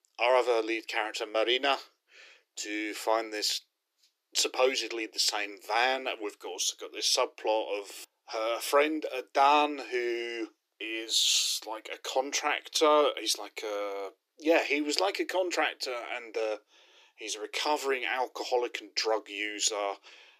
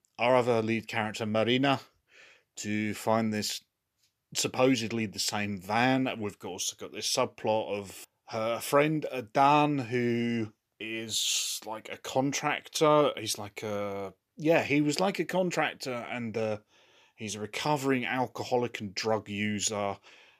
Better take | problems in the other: second | thin; somewhat; fading below 300 Hz

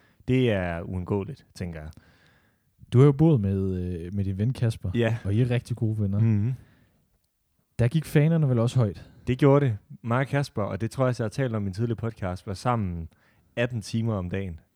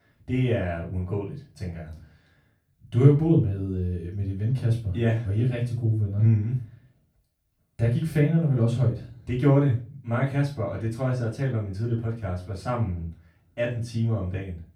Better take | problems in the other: first | off-mic speech; far // room echo; slight; dies away in 0.3 s

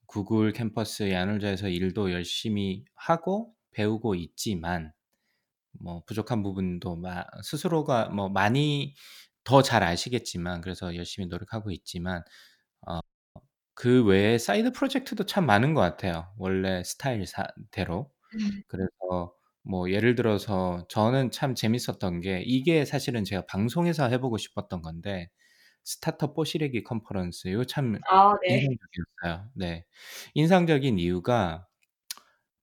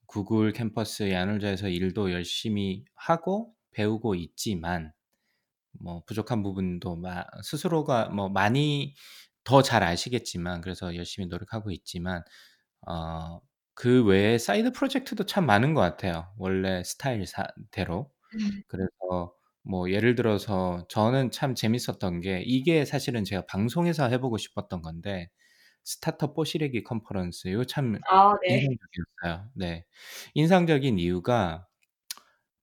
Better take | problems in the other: second | audio cutting out; at 13 s

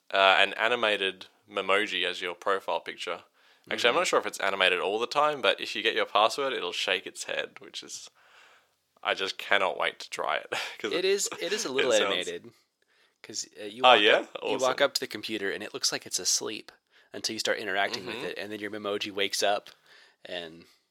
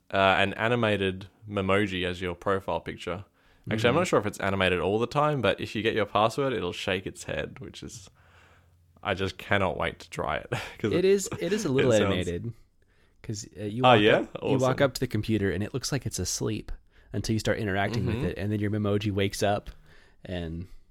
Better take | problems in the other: second | thin; very; fading below 500 Hz

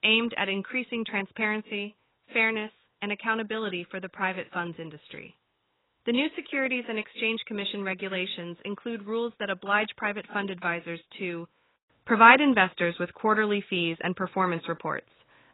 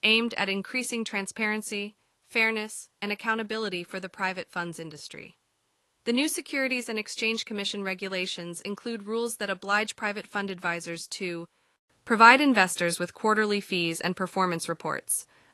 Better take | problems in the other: second | garbled, watery; badly; nothing above 4 kHz; slightly in the second

